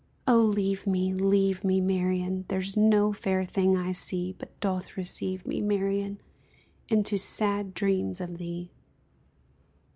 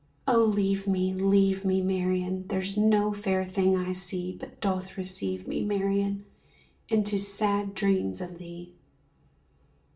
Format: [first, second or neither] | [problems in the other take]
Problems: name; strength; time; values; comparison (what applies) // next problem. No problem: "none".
first | room echo; dies away in 0.3 s